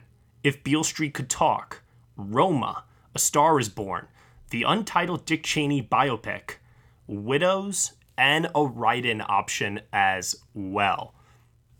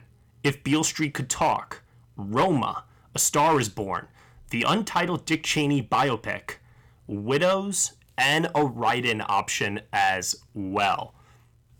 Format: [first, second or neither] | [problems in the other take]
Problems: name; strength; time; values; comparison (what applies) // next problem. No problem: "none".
first | distortion; slight; 3% of the sound clipped